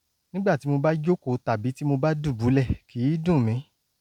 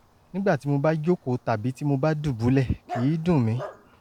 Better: first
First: none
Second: background sound (Dog); 18 dB below the speech

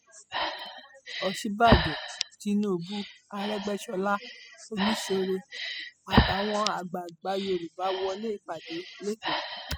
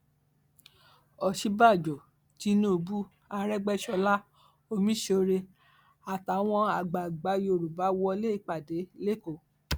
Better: second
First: noise reduction (classical method spectral subtraction)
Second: none

